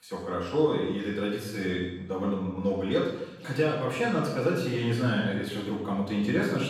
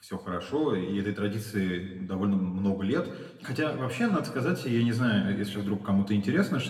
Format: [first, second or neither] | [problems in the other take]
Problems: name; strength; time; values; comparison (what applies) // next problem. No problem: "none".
second | room echo; strong; dies away in 0.9 s; slight in the second // off-mic speech; far; somewhat distant in the second